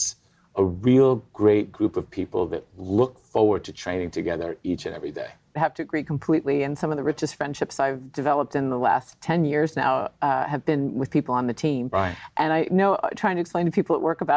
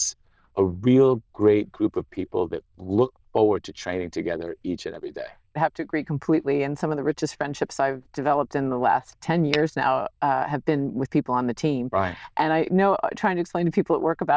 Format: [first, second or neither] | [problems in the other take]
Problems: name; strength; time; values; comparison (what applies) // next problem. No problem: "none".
first | noise reduction (neural diffusion model UNIVERSE++)